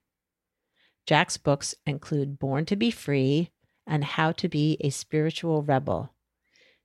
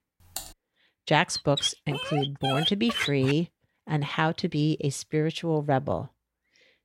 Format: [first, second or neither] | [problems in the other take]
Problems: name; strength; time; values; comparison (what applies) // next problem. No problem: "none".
first | keyboard typing; faint; at 0.5 s; peak 10 dB below the speech // dog barking; loud; from 1.5 to 3.5 s; peak level with the speech